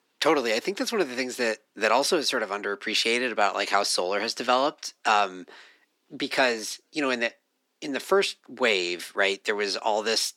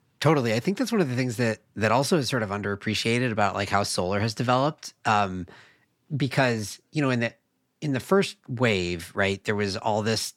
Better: second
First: thin; somewhat; fading below 300 Hz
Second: none

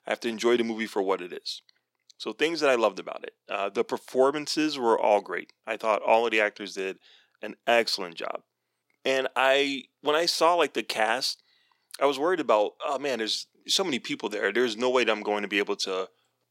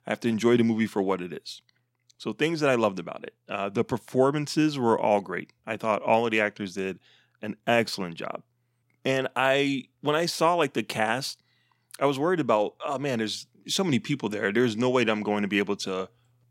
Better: second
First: thin; somewhat; fading below 400 Hz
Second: none

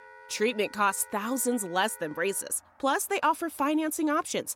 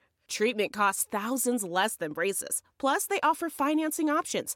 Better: second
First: background music; faint; throughout; 20 dB below the speech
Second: none

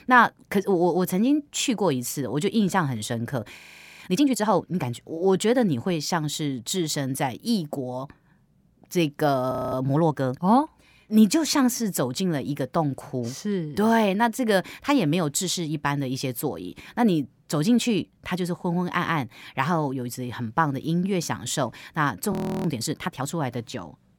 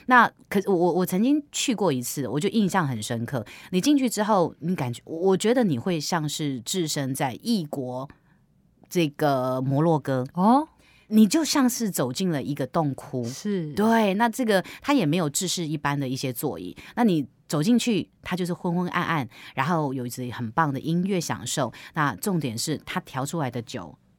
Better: second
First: audio freezing; at 3.5 s, at 9.5 s and at 22 s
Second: none

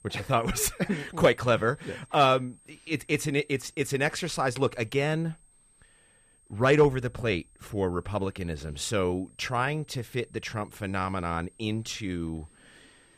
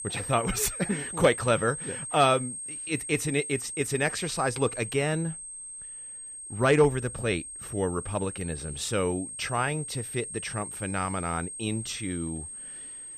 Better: first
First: high-pitched whine; faint; throughout; 8.5 kHz, 30 dB below the speech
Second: high-pitched whine; loud; throughout; 8.5 kHz, 8 dB below the speech

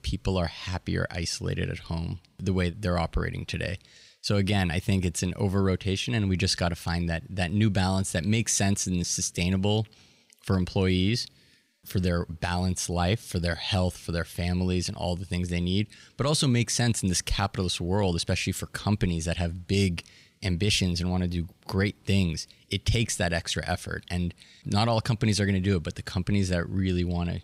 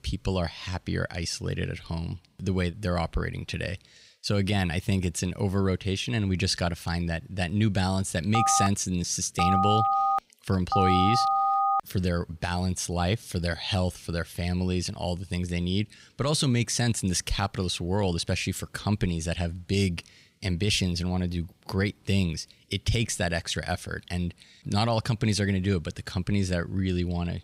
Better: first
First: none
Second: phone ringing; loud; from 8.5 to 12 s; peak 4 dB above the speech

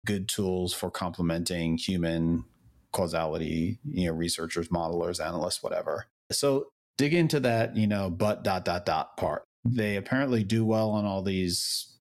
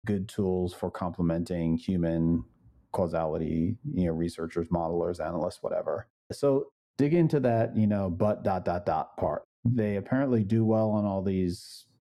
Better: first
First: none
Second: muffled; very; fading above 1.5 kHz

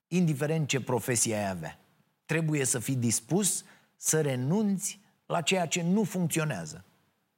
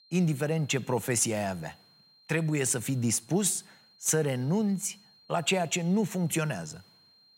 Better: first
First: none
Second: high-pitched whine; faint; throughout; 4 kHz, 30 dB below the speech

